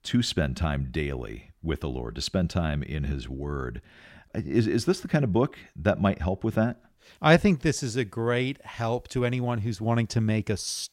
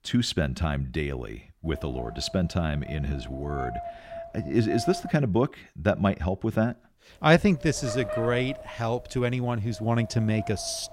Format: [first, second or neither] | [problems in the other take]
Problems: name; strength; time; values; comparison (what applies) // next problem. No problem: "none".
first | wind noise on the microphone; heavy; from 1.5 to 5 s and from 7 s on; 8 dB below the speech